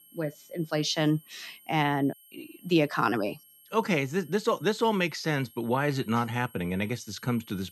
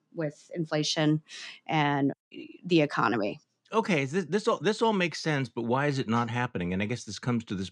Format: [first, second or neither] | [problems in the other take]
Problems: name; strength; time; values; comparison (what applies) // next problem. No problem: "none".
second | high-pitched whine; faint; throughout; 11.5 kHz, 25 dB below the speech